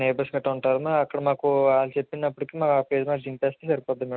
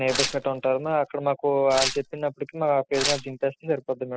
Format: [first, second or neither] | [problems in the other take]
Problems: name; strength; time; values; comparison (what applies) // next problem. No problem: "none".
first | noise reduction (classical method spectral subtraction)